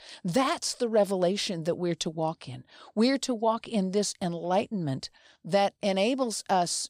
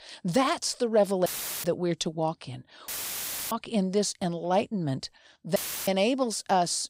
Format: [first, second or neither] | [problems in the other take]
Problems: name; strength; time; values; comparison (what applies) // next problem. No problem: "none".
first | audio cutting out; filled with static; at 1.5 s, at 3 s for 0.5 s and at 5.5 s